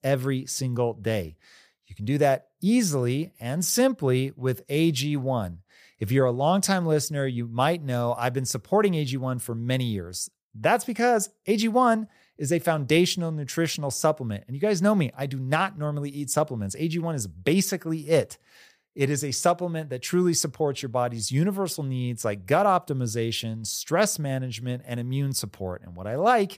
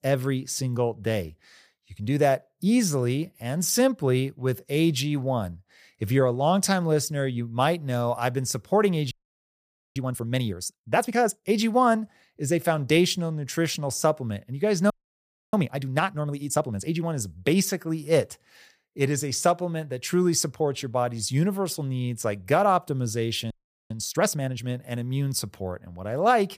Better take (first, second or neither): first